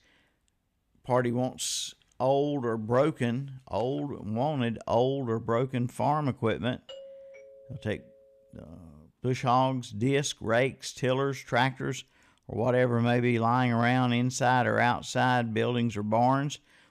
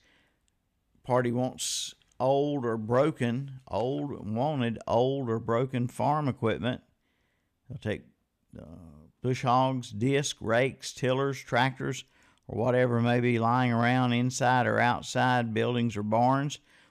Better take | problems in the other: second | doorbell; faint; from 7 to 8.5 s; peak 20 dB below the speech

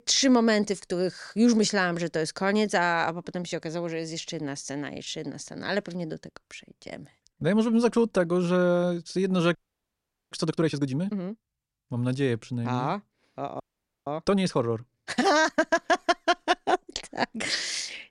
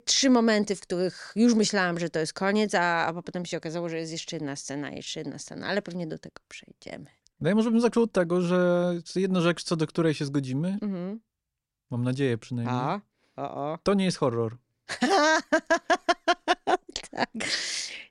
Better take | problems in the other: second | audio freezing; at 9.5 s for 1 s and at 14 s

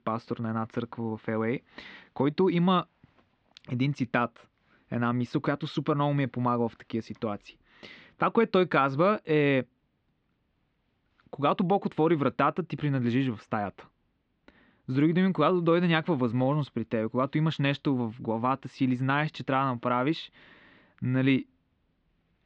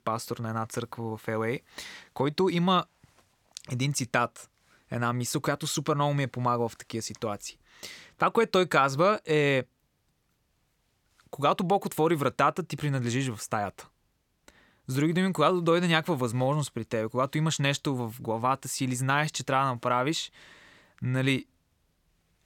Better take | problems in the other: second | muffled; slightly; fading above 3.5 kHz

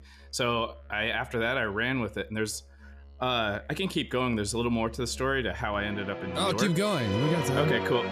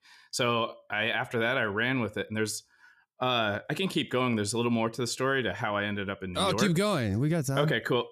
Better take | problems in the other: second | background music; loud; throughout; 7 dB below the speech

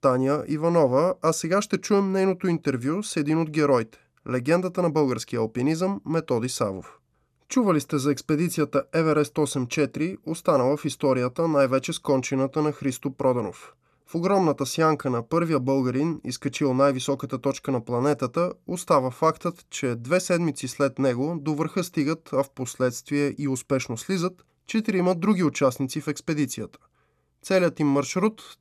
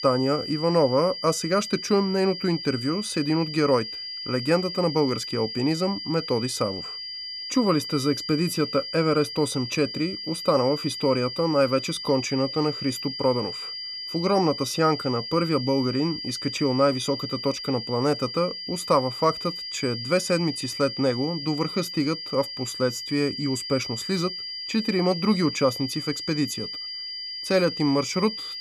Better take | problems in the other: first | high-pitched whine; loud; throughout; 5 kHz, 7 dB below the speech

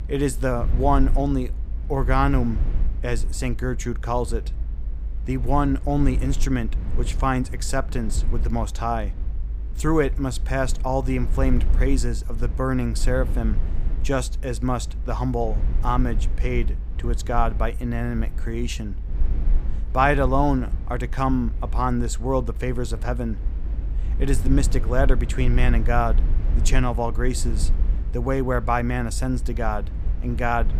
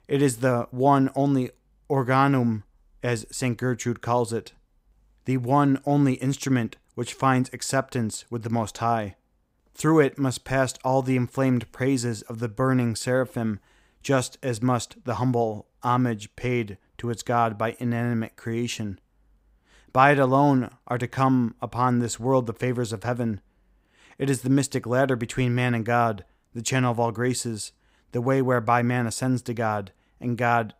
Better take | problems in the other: second | low rumble; noticeable; throughout; 20 dB below the speech

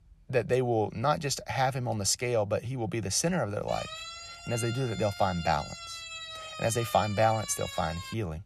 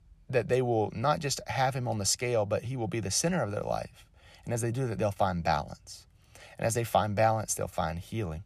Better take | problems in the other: second | siren; noticeable; from 3.5 s on; peak 9 dB below the speech

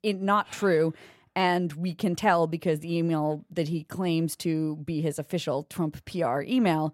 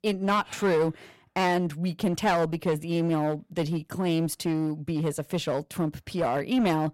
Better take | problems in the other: first | distortion; slight; 9% of the sound clipped

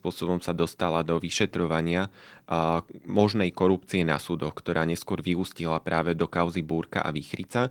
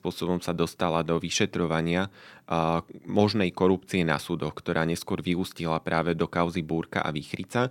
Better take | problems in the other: second | garbled, watery; slightly; nothing above 18.5 kHz

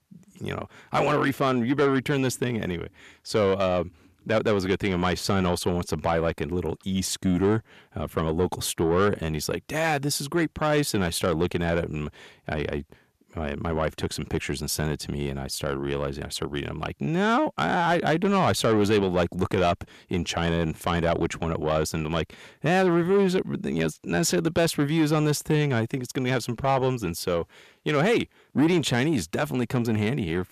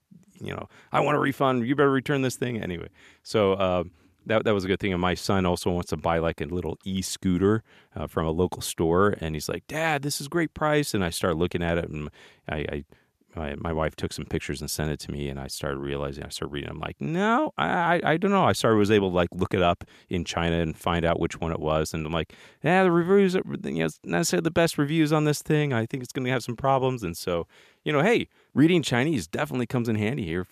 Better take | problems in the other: second | distortion; slight; 10 dB below the speech

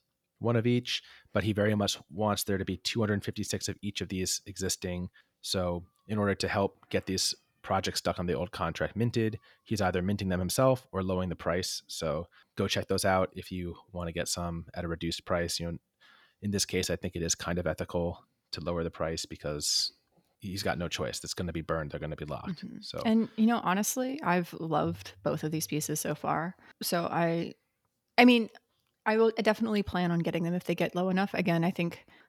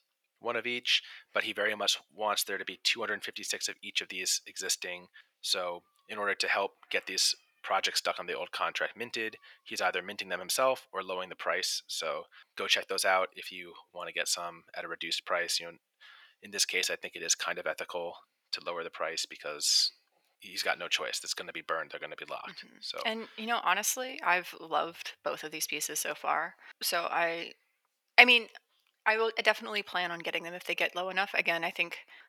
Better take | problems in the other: first | thin; very; fading below 650 Hz

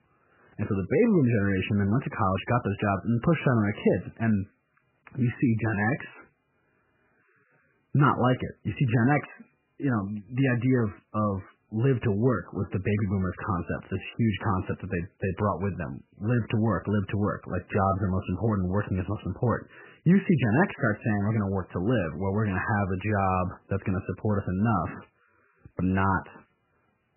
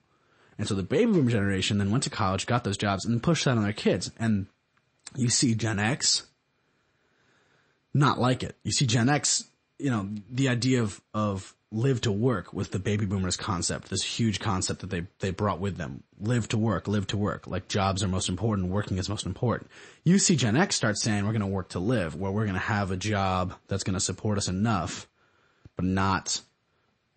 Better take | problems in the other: second | garbled, watery; badly; nothing above 3 kHz; slightly in the second

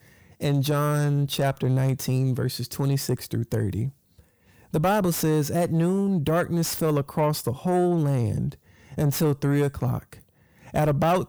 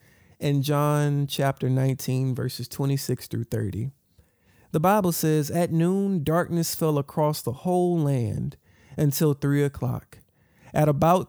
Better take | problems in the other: second | distortion; slight; 10 dB below the speech

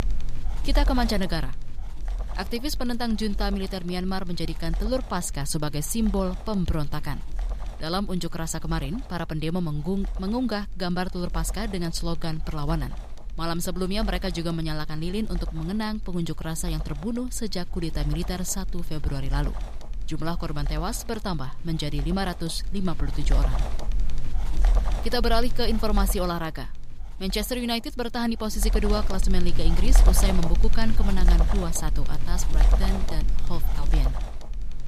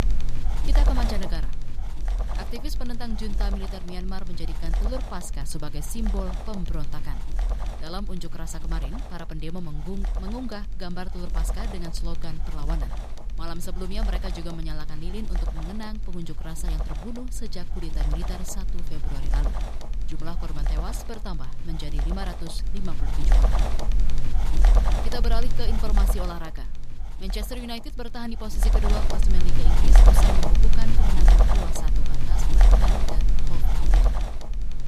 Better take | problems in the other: first | wind noise on the microphone; heavy; 2 dB above the speech; occasional gusts in the first

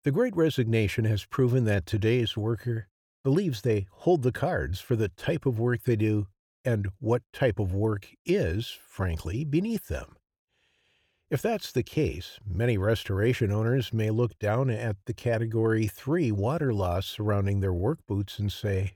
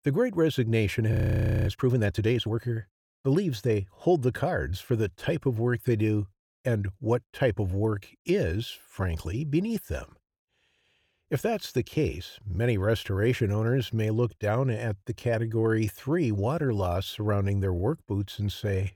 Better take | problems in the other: first | audio freezing; at 1 s for 0.5 s

